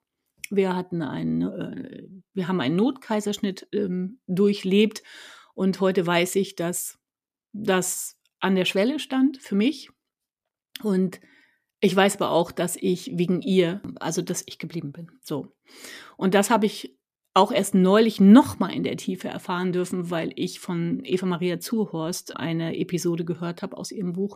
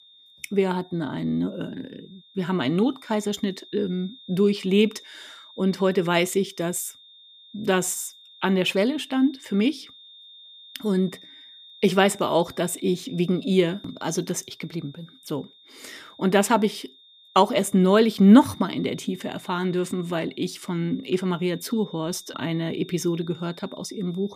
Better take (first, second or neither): first